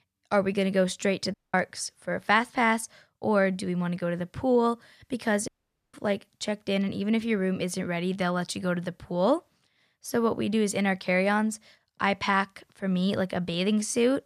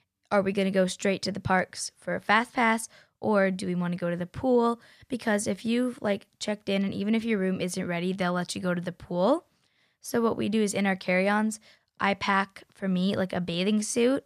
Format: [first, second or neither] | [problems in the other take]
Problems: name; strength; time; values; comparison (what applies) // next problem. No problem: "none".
second | audio cutting out; at 1.5 s and at 5.5 s